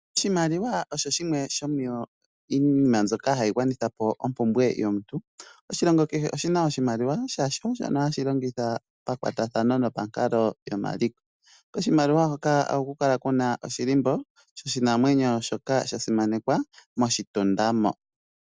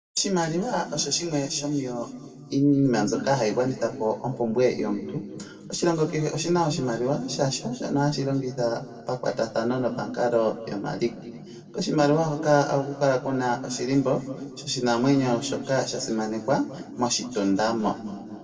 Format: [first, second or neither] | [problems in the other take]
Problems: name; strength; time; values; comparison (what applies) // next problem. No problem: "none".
first | room echo; dies away in 2 s